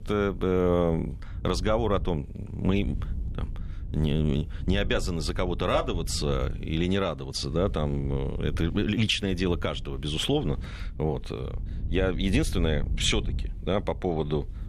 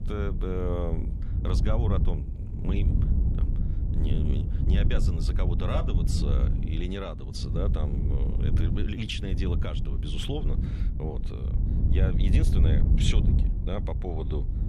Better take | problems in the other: first | wind noise on the microphone; heavy; 4 dB below the speech; occasional gusts in the first

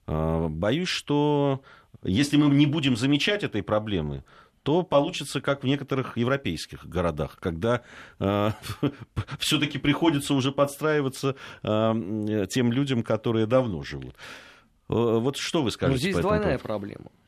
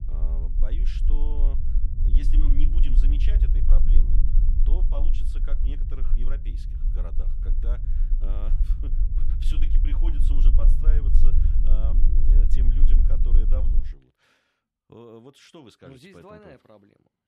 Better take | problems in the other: first | low rumble; loud; until 14 s; 2 dB below the speech

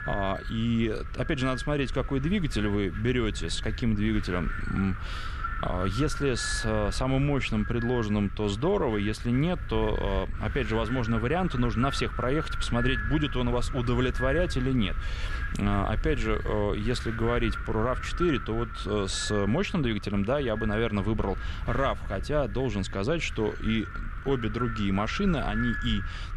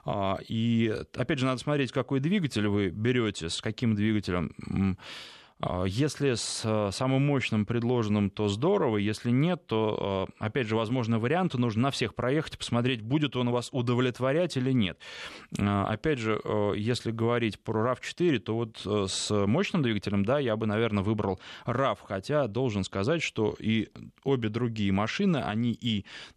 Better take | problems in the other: second | wind noise on the microphone; heavy; 6 dB below the speech

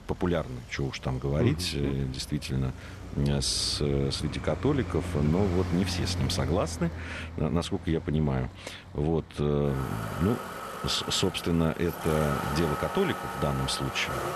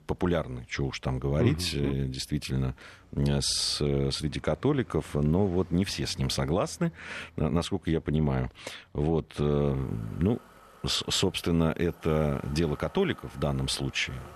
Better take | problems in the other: second | traffic noise; loud; throughout; 8 dB below the speech; faint in the second

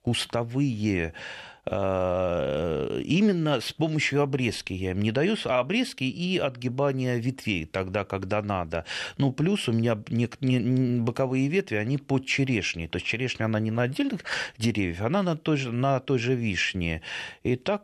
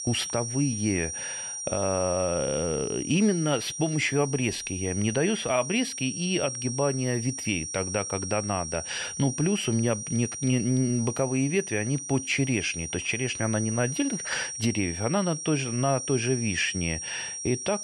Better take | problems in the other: first | high-pitched whine; loud; throughout; 5.5 kHz, 6 dB below the speech

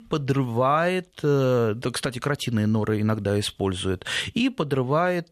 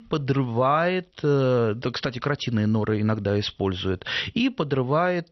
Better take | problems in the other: first | garbled, watery; slightly; nothing above 6 kHz

